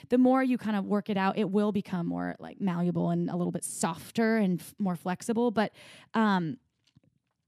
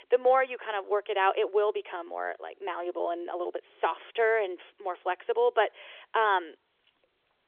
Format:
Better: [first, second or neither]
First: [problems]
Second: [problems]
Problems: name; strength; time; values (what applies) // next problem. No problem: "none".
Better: first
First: none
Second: phone-call audio; nothing above 3.5 kHz